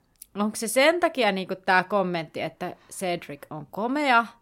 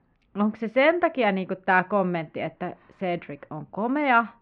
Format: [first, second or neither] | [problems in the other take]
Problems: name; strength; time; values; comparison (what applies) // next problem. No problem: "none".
first | muffled; very; fading above 2.5 kHz